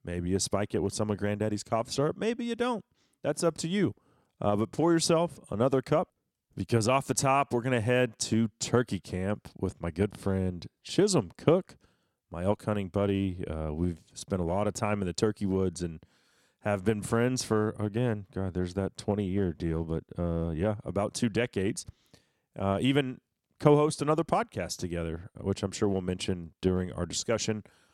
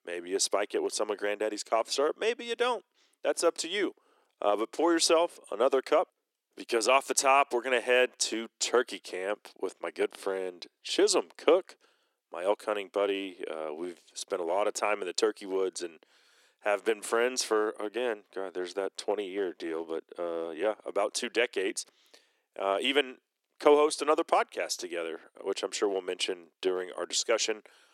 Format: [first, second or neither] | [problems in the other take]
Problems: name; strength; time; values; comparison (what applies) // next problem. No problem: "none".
first | thin; very; fading below 350 Hz